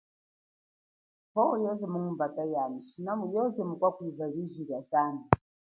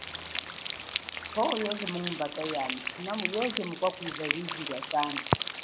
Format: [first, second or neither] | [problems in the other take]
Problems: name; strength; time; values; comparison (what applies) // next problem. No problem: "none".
first | background sound (Rain); 3 dB below the speech